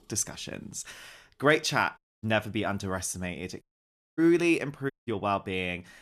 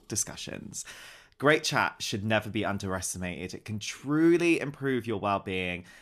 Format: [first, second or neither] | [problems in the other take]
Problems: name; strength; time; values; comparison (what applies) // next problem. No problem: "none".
second | audio cutting out; at 2 s, at 3.5 s for 0.5 s and at 5 s